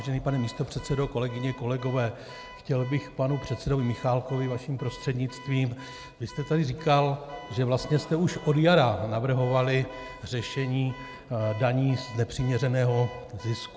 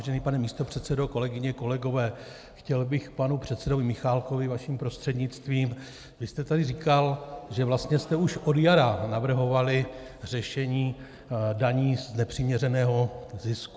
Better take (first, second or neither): second